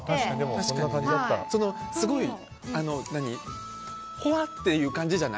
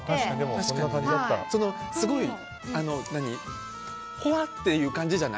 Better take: first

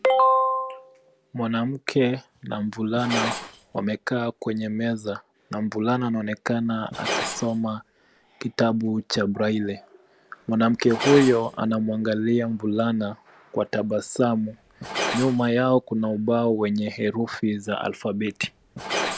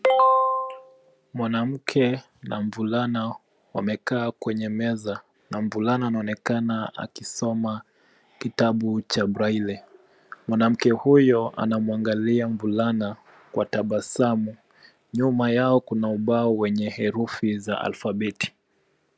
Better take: second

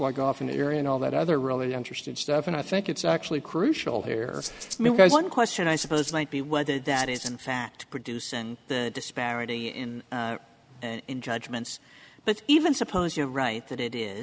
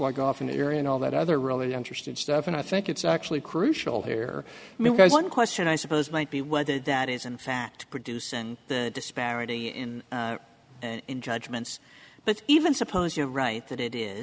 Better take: second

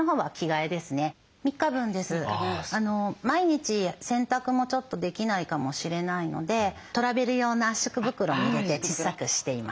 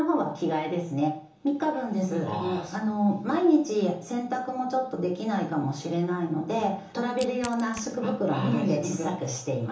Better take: first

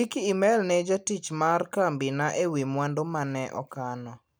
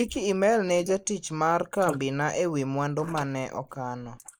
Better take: first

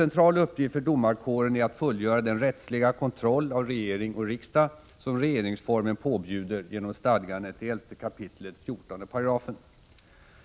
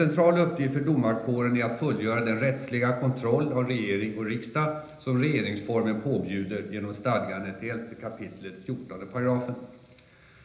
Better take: first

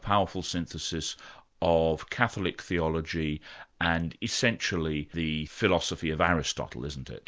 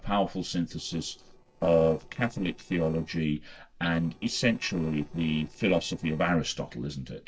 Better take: first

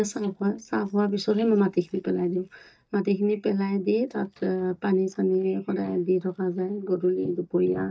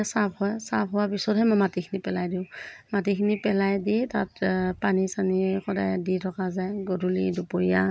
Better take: second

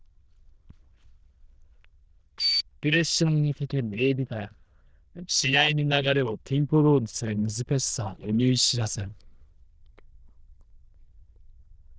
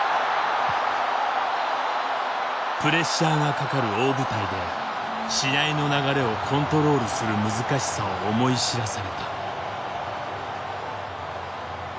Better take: second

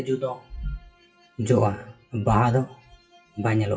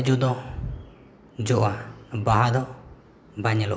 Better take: second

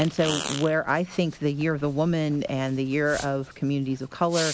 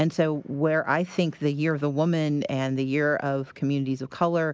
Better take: second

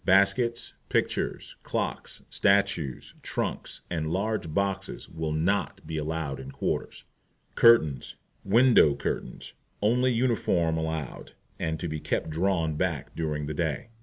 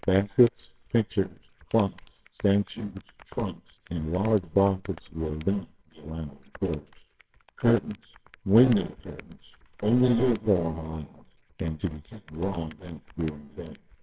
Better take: first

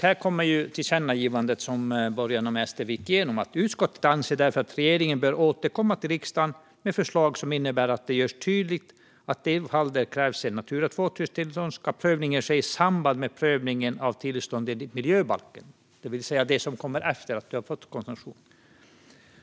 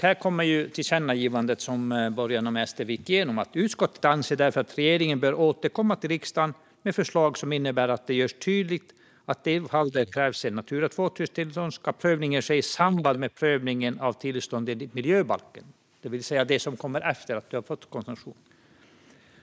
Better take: first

